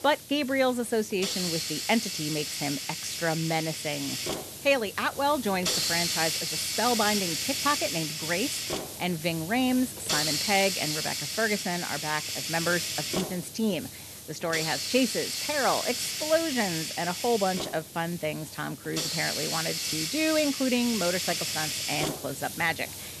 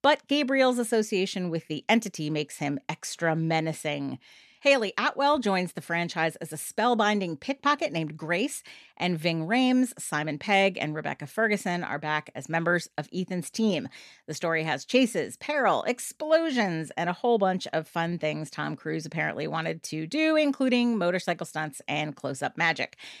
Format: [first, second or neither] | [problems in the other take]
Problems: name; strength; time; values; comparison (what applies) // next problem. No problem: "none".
second | hiss; loud; throughout; 1 dB below the speech